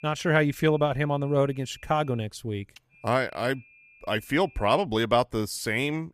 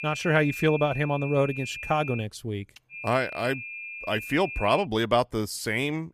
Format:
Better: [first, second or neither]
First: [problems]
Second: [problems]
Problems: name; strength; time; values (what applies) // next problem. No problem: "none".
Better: first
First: high-pitched whine; faint; until 2 s and from 3 to 5 s; 2.5 kHz, 25 dB below the speech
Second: high-pitched whine; loud; until 2 s and from 3 to 5 s; 2.5 kHz, 9 dB below the speech